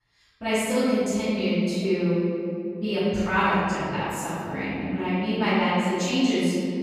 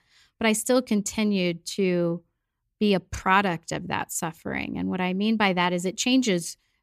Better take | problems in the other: second | room echo; strong; dies away in 2.5 s // off-mic speech; far

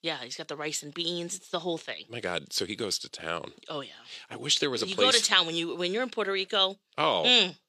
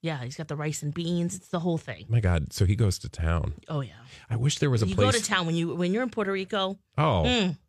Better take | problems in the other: second | thin; somewhat; fading below 300 Hz

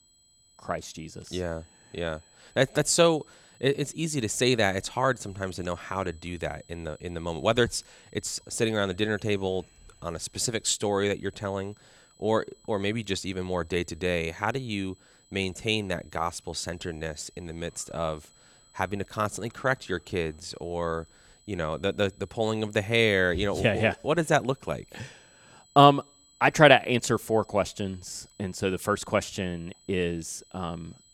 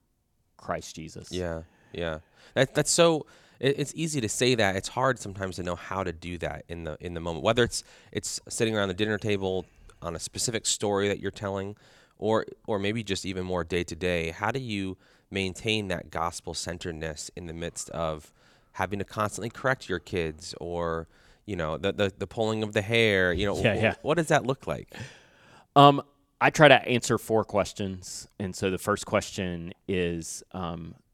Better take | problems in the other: second | high-pitched whine; faint; throughout; 8 kHz, 30 dB below the speech

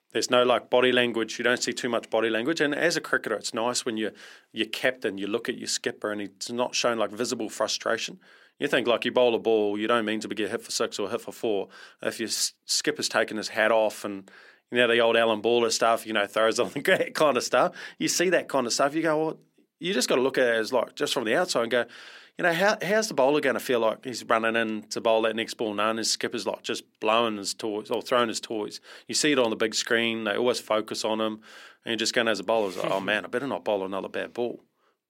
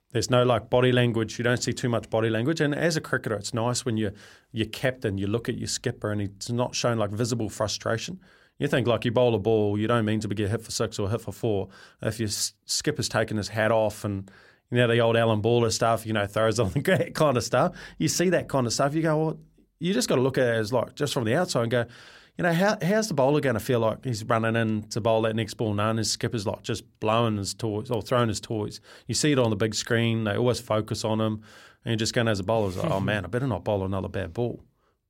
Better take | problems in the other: second | thin; somewhat; fading below 250 Hz

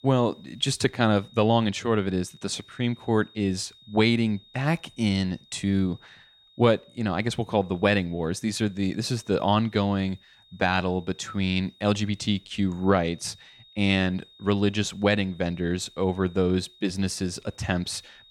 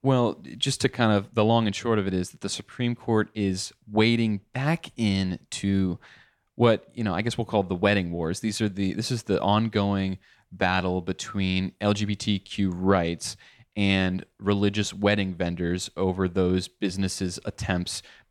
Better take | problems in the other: second | high-pitched whine; faint; throughout; 3.5 kHz, 25 dB below the speech

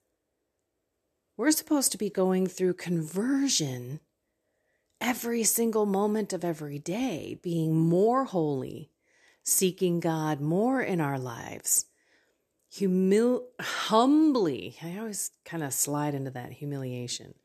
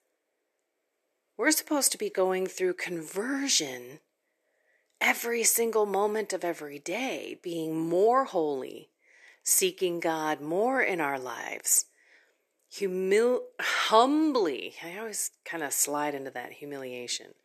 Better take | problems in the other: first | thin; somewhat; fading below 450 Hz

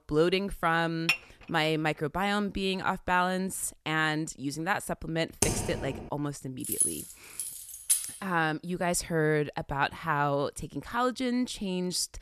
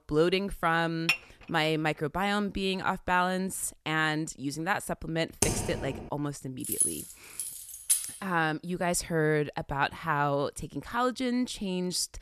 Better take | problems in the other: neither | clattering dishes; loud; at 1 s; peak 1 dB above the speech; the same in both // keyboard typing; loud; at 5.5 s; peak 1 dB above the speech; the same in both // jangling keys; loud; from 6.5 to 8 s; peak 3 dB above the speech; the same in both

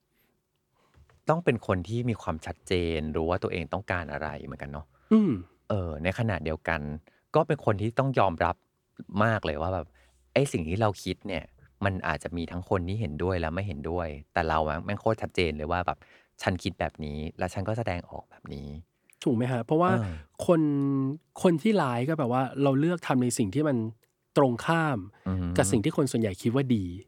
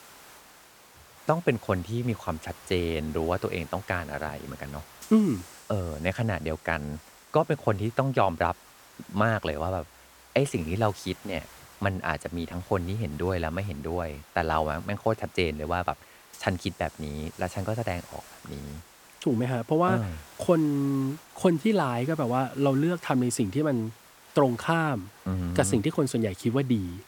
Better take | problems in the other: first | hiss; faint; throughout; 20 dB below the speech

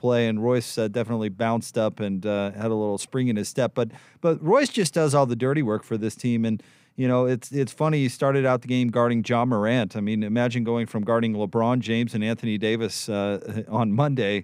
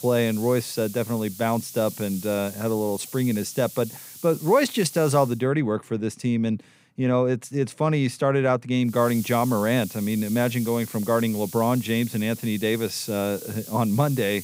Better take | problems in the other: first | hiss; noticeable; until 5.5 s and from 9 s on; 15 dB below the speech

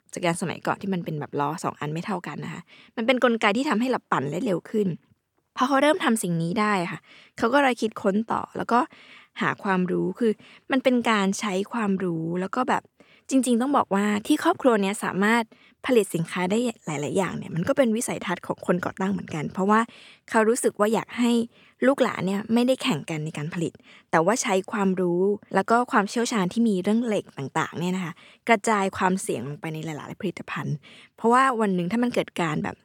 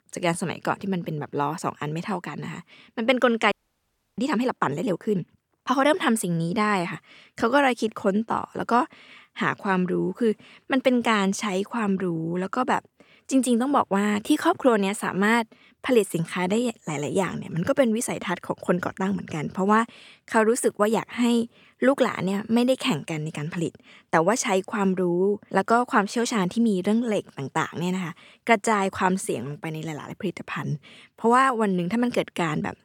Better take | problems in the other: first | audio freezing; at 3.5 s for 0.5 s

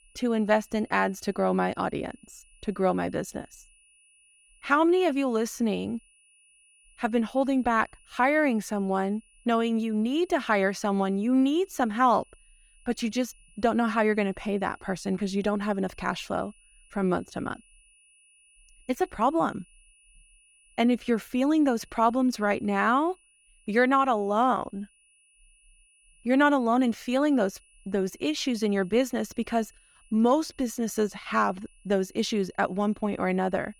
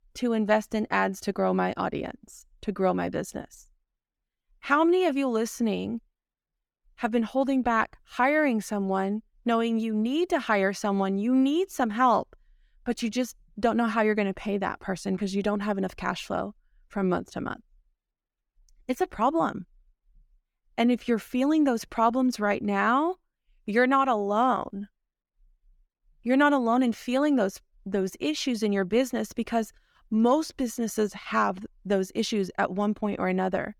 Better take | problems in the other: second | high-pitched whine; faint; throughout; 9.5 kHz, 30 dB below the speech

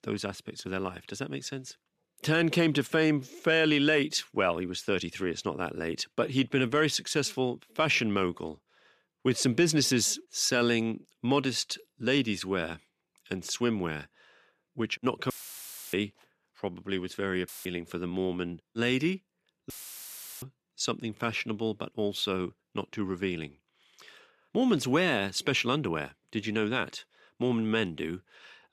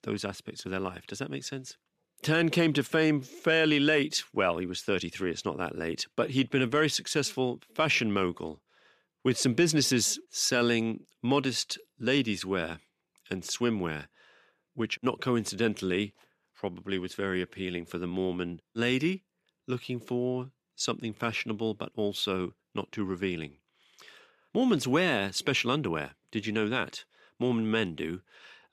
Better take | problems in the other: second | audio cutting out; filled with static; at 15 s for 0.5 s, at 17 s and at 20 s for 0.5 s

